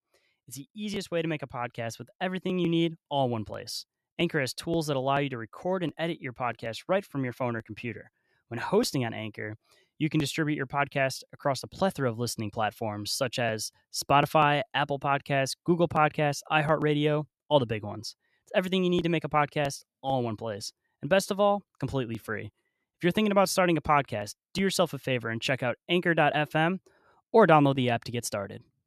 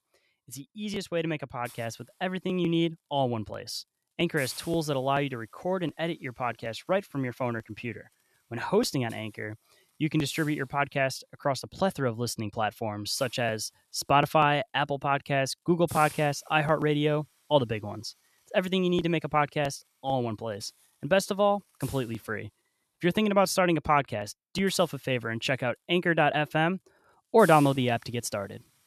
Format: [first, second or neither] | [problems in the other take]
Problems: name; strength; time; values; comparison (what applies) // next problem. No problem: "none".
first | hiss; noticeable; throughout; 20 dB below the speech